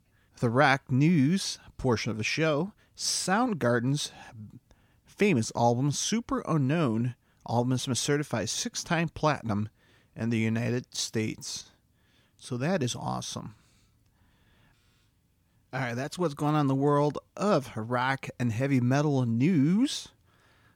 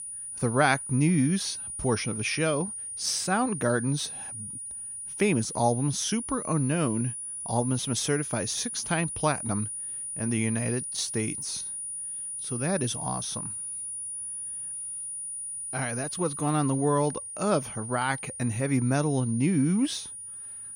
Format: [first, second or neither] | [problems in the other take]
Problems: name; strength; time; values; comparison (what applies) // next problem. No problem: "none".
first | high-pitched whine; loud; throughout; 9.5 kHz, 6 dB below the speech